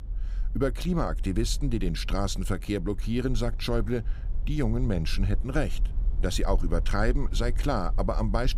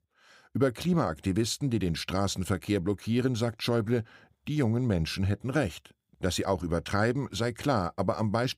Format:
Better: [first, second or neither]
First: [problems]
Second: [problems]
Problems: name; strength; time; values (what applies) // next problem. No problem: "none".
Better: second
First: low rumble; faint; throughout; 20 dB below the speech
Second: none